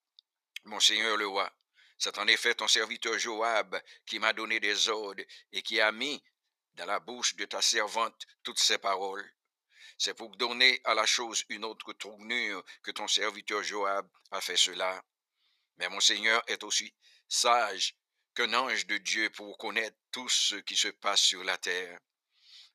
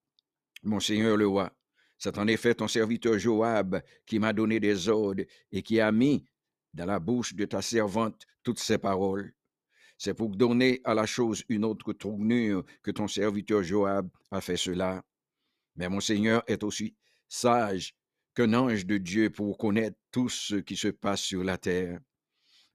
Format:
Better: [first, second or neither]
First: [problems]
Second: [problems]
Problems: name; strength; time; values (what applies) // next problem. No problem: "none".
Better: second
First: thin; very; fading below 900 Hz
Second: none